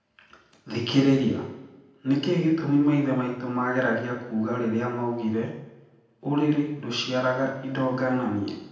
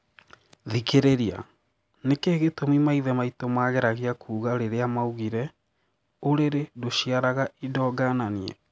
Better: second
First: room echo; dies away in 0.9 s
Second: none

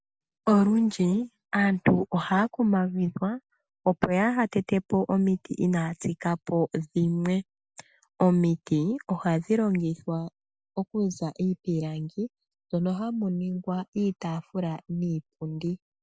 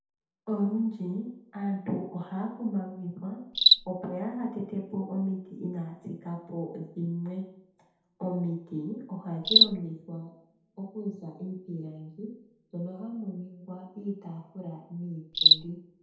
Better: first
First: none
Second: background sound (Cricket); 2 dB above the speech // room echo; dies away in 0.8 s

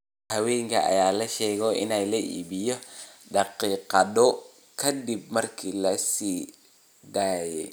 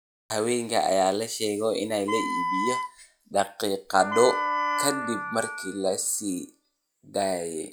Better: first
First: none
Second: noise reduction (classical method log-MMSE)

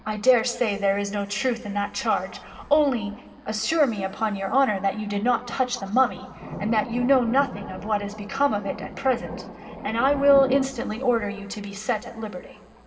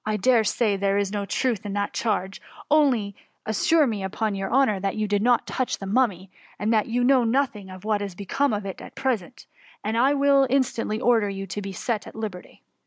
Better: second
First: background sound (Thunder); 15 dB below the speech // room echo; dies away in 1.7 s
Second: none

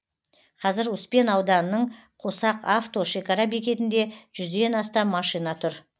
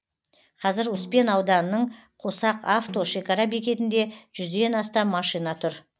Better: first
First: none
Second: background sound (Snare drum); 19 dB below the speech

